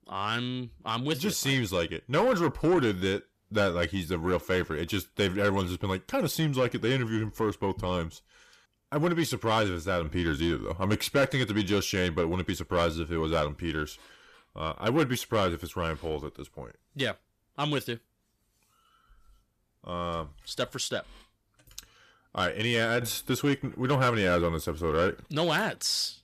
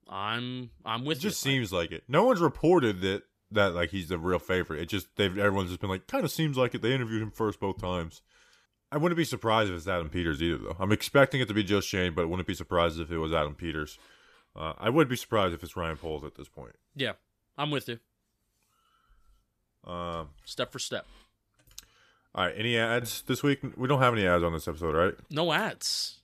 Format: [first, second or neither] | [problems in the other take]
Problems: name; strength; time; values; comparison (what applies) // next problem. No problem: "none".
second | distortion; slight; 10 dB below the speech